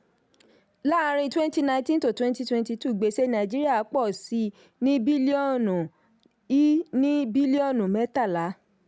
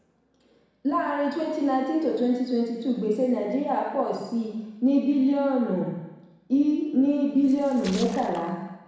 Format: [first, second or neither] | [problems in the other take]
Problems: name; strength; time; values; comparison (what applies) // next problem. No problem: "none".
first | background sound (Splash, splatter); 17 dB below the speech // room echo; dies away in 1.1 s